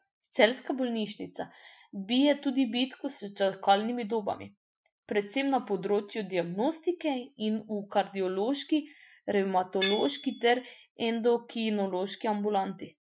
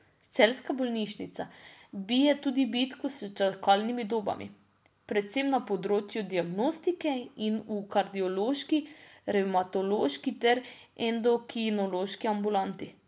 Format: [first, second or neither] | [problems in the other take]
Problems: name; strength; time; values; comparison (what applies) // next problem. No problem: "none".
second | noise reduction (classical method Wiener filter)